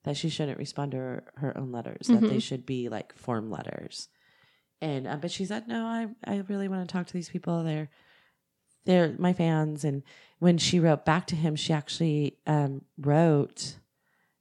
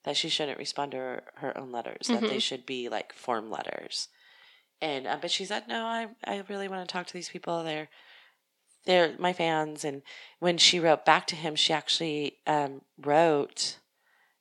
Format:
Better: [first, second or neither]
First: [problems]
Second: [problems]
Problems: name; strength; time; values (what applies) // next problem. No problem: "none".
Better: first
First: none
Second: thin; somewhat; fading below 400 Hz